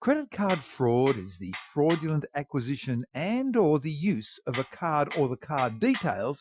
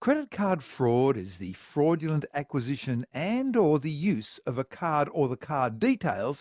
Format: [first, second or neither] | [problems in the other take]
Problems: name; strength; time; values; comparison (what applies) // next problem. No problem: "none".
second | noise reduction (classical method Wiener filter)